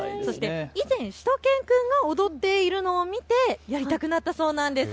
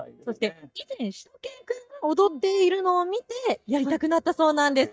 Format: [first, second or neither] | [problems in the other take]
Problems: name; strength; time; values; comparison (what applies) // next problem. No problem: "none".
first | noise reduction (neural mask model DeepFilterNet 3)